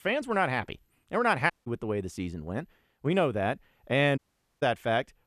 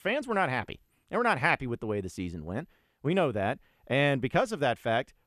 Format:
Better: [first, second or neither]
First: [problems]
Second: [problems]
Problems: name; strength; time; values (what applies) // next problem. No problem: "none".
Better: second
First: audio cutting out; at 1.5 s and at 4 s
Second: none